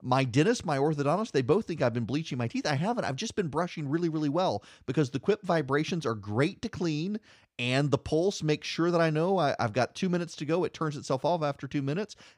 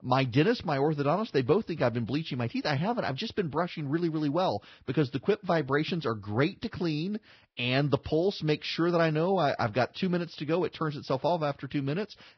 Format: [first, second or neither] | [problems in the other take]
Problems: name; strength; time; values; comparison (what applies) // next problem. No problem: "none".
first | garbled, watery; badly; nothing above 5.5 kHz